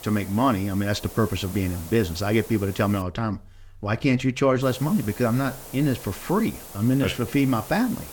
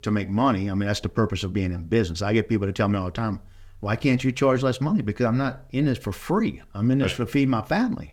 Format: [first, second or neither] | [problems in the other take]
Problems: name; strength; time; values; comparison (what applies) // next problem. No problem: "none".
second | hiss; noticeable; until 3 s and from 4.5 s on; 15 dB below the speech